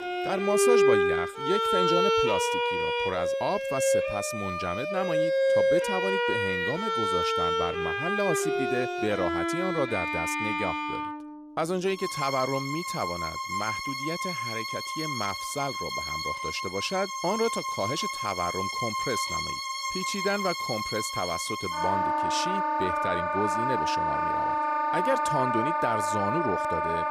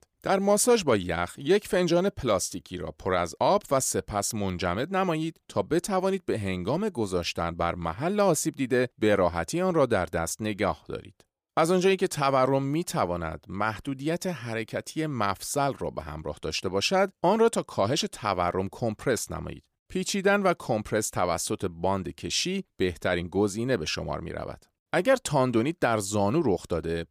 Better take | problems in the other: second | background music; very loud; throughout; 4 dB above the speech

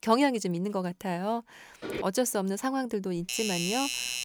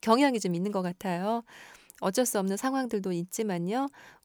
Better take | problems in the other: second | footsteps; noticeable; at 2 s; peak 7 dB below the speech // doorbell; loud; from 3 s on; peak level with the speech

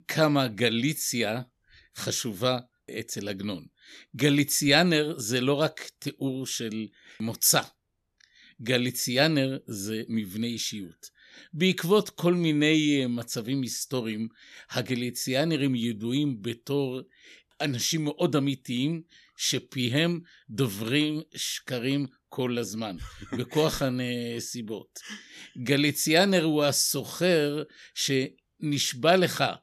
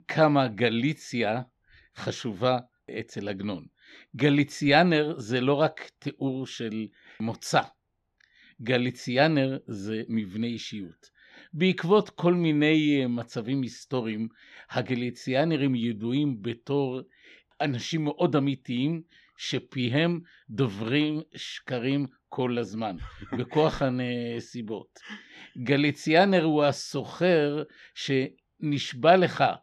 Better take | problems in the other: first | muffled; slightly; fading above 3 kHz

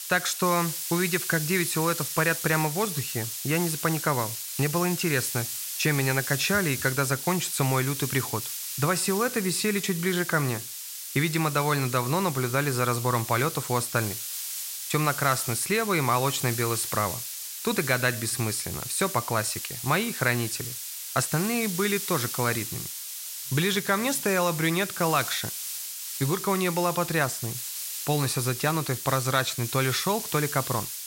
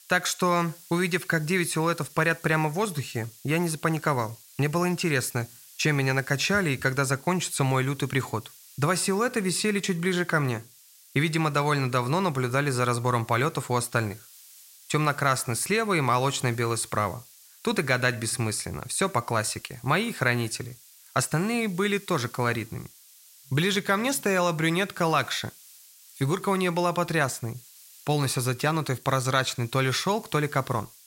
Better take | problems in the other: second | hiss; loud; throughout; 5 dB below the speech; faint in the second

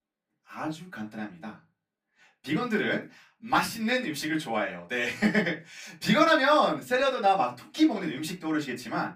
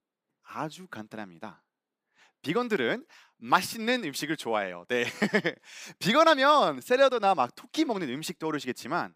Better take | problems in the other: second | off-mic speech; far // room echo; very slight; dies away in 0.2 s

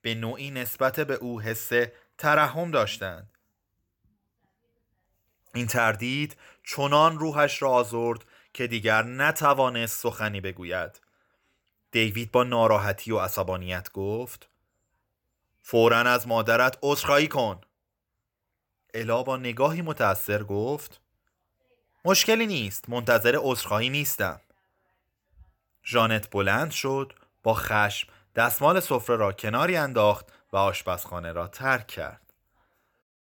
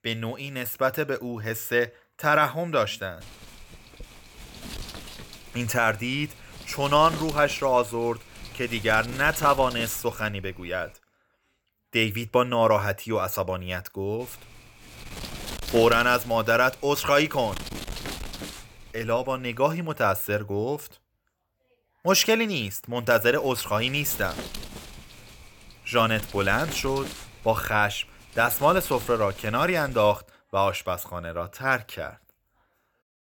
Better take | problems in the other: first | wind noise on the microphone; occasional gusts; from 3 to 11 s, from 14 to 20 s and from 23 to 30 s; 15 dB below the speech

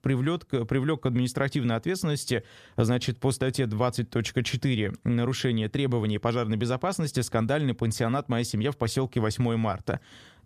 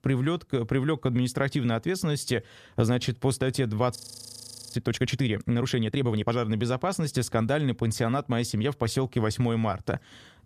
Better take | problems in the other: first | audio freezing; at 4 s for 1 s

